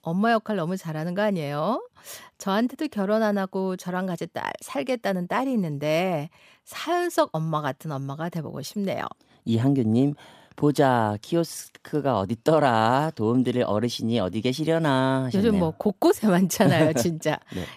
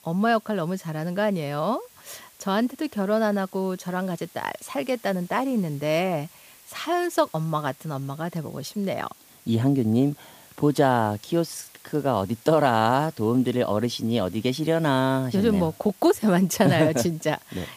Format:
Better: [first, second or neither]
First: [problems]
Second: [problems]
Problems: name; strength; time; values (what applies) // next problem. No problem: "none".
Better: first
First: none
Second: hiss; faint; throughout; 25 dB below the speech